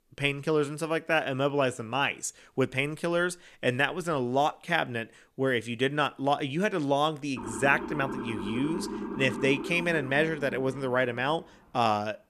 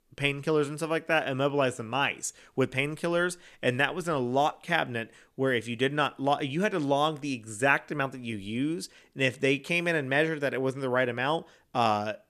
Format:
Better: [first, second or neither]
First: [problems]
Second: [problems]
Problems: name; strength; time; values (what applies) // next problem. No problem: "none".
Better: second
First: siren; noticeable; from 7.5 to 11 s; peak 7 dB below the speech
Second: none